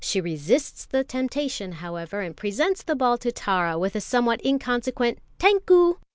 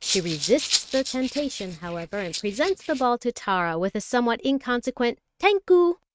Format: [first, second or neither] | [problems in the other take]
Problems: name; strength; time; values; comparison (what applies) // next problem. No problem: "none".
first | noise reduction (neural mask model RNNoise)